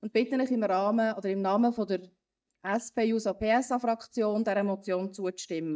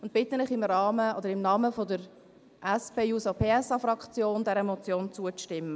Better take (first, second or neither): second